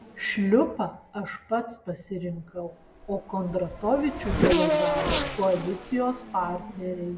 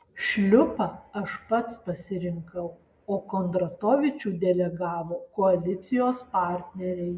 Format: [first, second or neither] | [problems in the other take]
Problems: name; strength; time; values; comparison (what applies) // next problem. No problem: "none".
second | background sound (Race car, auto racing / Accelerating, revving, vroom); 3 dB below the speech